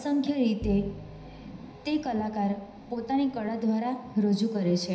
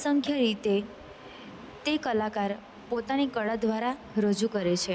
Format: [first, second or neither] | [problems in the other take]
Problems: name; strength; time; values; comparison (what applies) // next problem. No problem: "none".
second | background sound (Bowed string instrument); 15 dB below the speech // room echo; dies away in 0.9 s